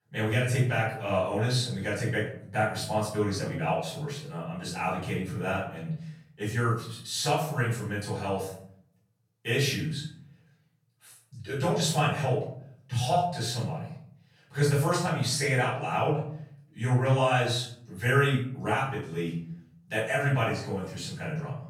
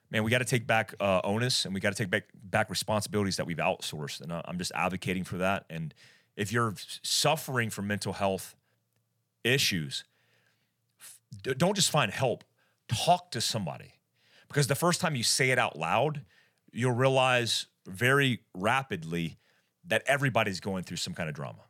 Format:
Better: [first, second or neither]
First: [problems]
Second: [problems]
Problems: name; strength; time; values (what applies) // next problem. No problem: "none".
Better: second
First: off-mic speech; far // room echo; noticeable; dies away in 0.7 s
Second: none